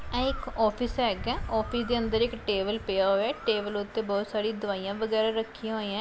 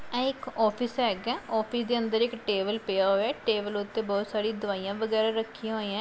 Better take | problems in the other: second | background sound (Bird); 12 dB below the speech

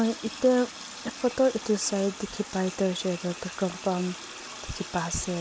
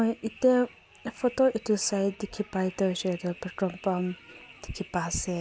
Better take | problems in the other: second | background sound (Water tap, faucet); 13 dB below the speech

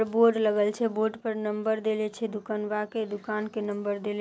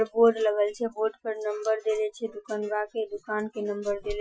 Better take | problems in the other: first | noise reduction (classical method Wiener filter)

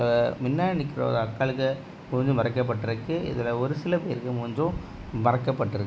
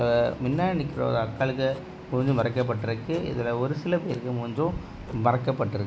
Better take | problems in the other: first | background sound (Writing + Piano); 19 dB below the speech

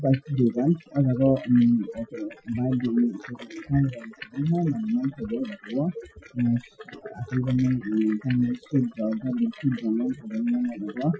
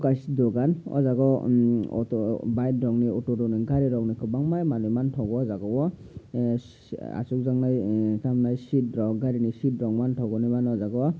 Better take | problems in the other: second | noise reduction (classical method Wiener filter)

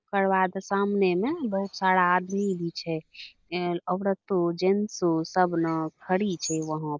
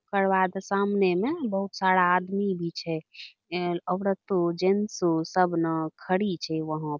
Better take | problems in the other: second | noise reduction (neural mask model Resemble Enhance denoiser)

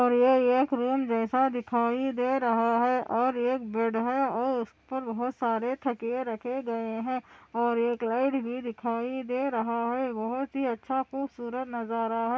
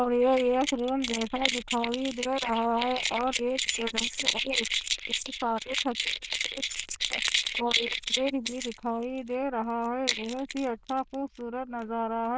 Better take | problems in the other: first | noise reduction (neural diffusion model UNIVERSE++)

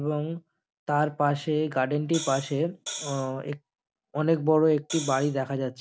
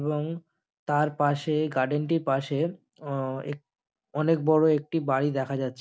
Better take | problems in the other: second | background sound (Hi-hat); 12 dB below the speech

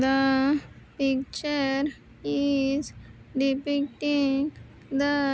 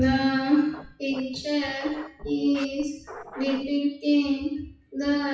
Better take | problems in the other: first | noise reduction (classical method WPE with log-MMSE)

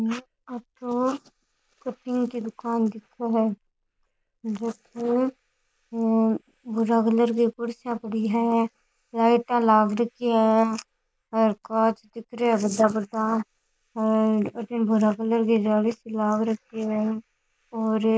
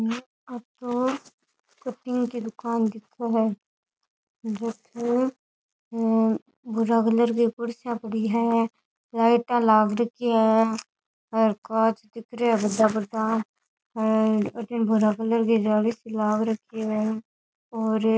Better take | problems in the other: second | noise reduction (neural mask model Resemble Enhance denoiser)

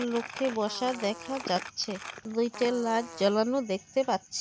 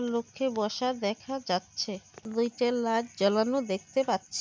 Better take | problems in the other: second | background sound (Crumpling, crinkling + Fart); 14 dB below the speech

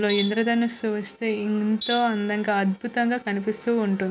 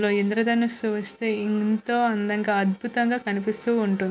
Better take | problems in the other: second | background sound (Tools); 11 dB below the speech

